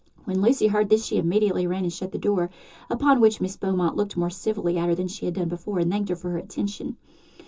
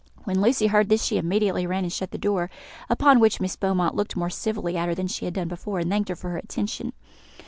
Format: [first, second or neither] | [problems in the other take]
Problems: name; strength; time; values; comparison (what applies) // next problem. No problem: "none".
second | room echo; dies away in 0.2 s